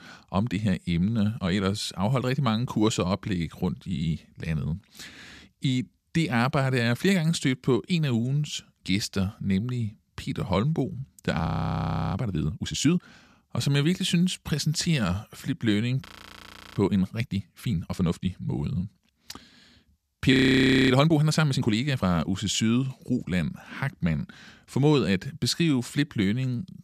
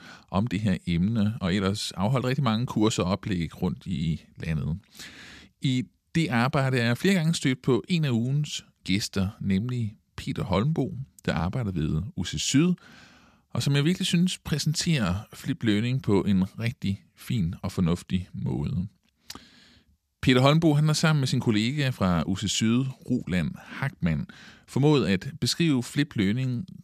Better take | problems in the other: second | audio freezing; at 11 s for 0.5 s, at 16 s for 0.5 s and at 20 s for 0.5 s

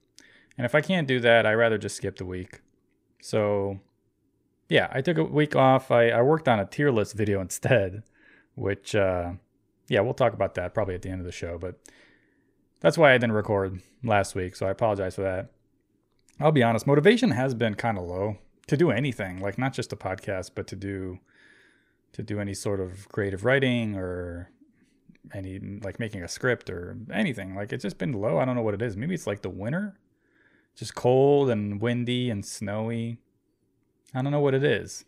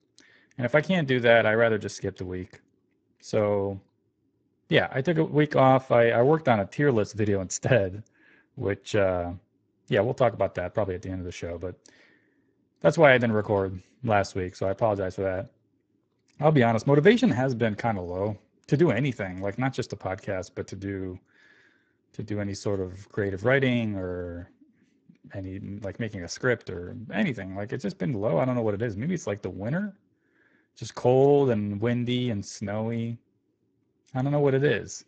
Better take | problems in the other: first | garbled, watery; badly; nothing above 7.5 kHz

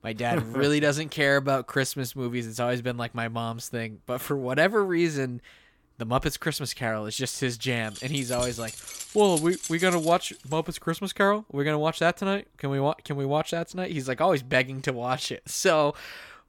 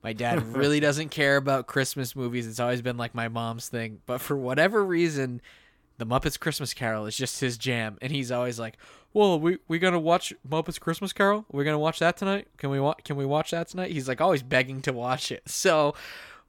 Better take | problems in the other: second | jangling keys; noticeable; from 8 to 11 s; peak 6 dB below the speech

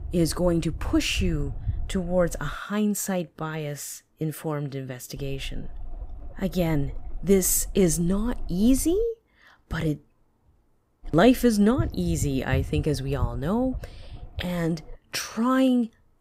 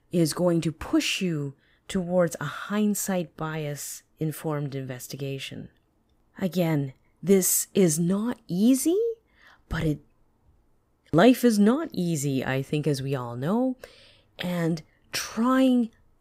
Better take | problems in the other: second | low rumble; faint; until 2.5 s, from 5 to 9 s and from 11 to 15 s; 25 dB below the speech

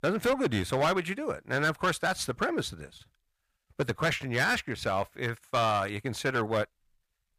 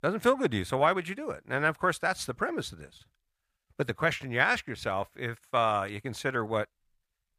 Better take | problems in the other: second | distortion; heavy; 6% of the sound clipped

